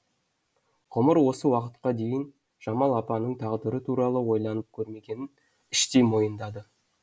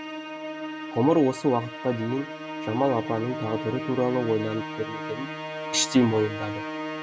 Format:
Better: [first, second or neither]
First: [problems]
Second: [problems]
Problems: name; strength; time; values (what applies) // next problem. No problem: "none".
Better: first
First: none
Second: background sound (Musical instrument); 8 dB below the speech